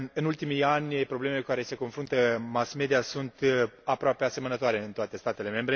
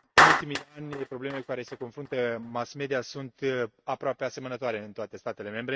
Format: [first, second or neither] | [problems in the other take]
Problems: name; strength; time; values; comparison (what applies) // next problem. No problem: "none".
first | noise reduction (neural mask model RNNoise)